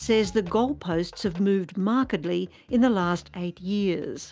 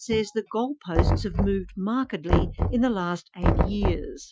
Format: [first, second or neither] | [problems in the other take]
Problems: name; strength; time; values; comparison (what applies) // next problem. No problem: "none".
first | noise reduction (classical method Wiener filter)